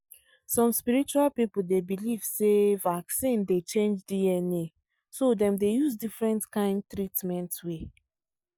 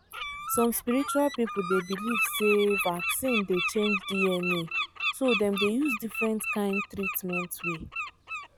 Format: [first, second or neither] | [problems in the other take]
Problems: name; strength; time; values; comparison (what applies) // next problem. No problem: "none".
first | background sound (Bird); 4 dB below the speech